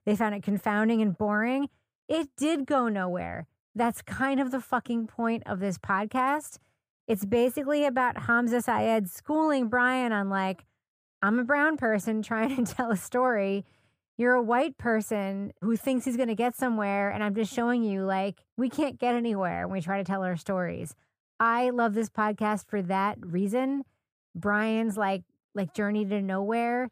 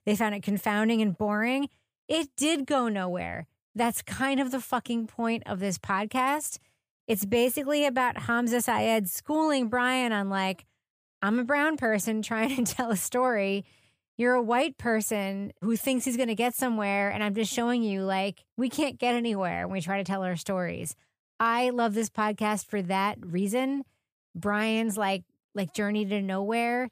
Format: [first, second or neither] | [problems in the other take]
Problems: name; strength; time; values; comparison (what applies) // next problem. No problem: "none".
second | muffled; slightly; fading above 2 kHz